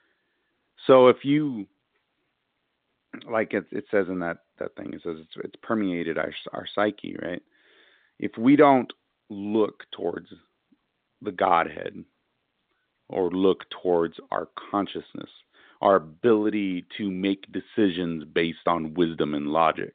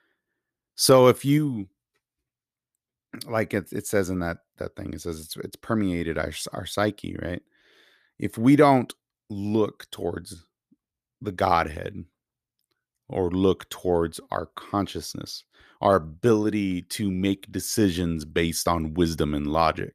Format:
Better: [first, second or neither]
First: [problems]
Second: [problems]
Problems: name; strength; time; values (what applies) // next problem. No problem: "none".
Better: second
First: phone-call audio; nothing above 3.5 kHz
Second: none